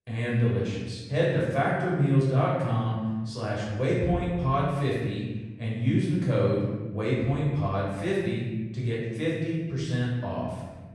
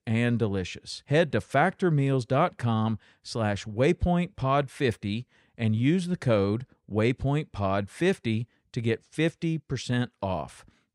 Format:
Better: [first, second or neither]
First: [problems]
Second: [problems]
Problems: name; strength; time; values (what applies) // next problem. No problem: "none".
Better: second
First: off-mic speech; far // room echo; strong; dies away in 1.2 s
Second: none